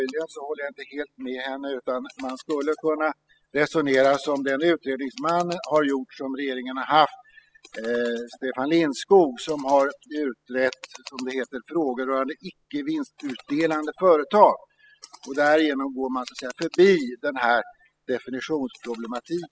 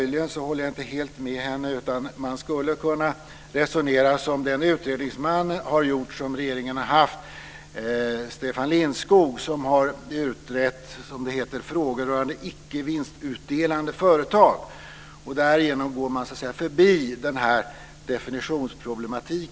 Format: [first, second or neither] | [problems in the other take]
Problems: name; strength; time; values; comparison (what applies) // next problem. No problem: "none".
second | noise reduction (classical method spectral subtraction)